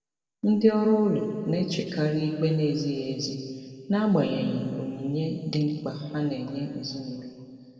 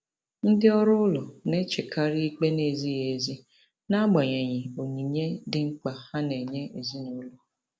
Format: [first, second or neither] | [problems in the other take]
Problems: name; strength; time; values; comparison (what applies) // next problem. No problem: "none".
second | room echo; dies away in 2.2 s